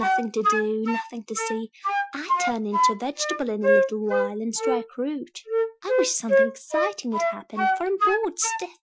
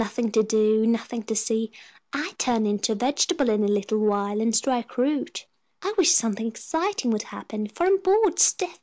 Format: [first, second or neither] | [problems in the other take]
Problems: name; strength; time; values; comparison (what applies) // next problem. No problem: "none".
second | noise reduction (classical method Wiener filter)